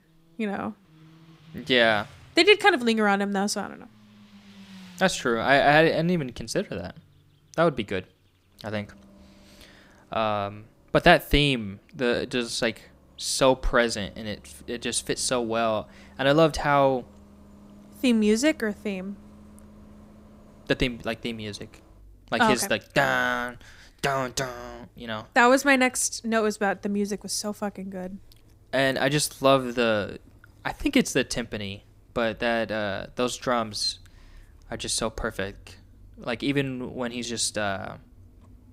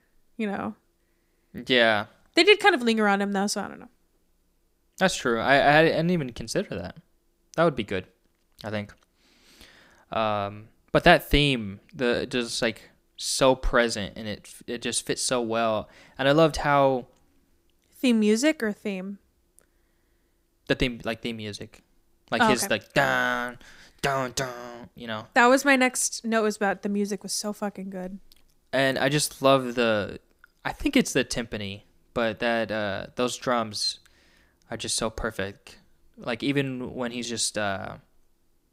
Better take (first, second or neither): second